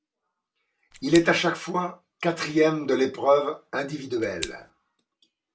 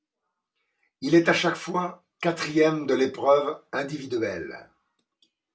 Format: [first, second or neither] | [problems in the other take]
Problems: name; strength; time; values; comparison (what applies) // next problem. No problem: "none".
second | background sound (Scissors); 13 dB below the speech